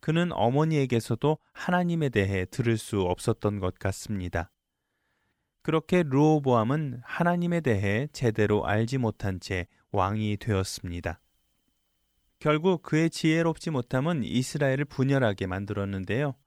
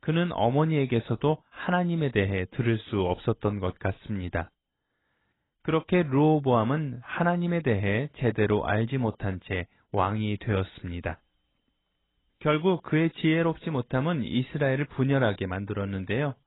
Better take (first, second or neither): first